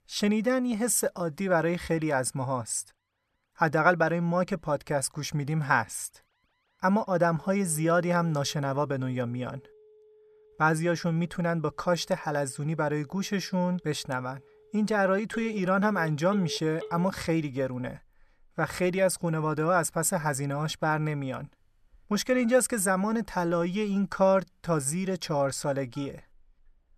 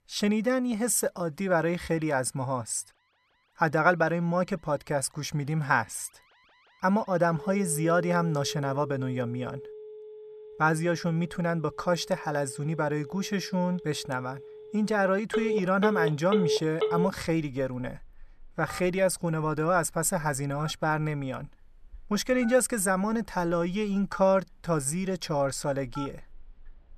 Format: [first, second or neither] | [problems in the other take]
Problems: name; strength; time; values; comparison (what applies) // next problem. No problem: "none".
first | alarms or sirens; loud; throughout; 9 dB below the speech; faint in the first